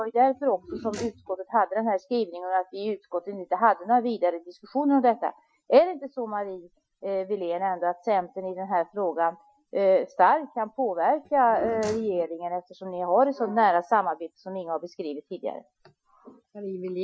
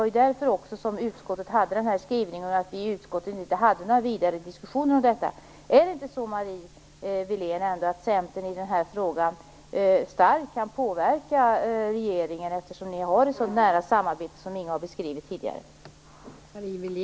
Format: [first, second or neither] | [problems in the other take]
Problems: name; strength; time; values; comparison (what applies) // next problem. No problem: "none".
second | noise reduction (classical method Wiener filter)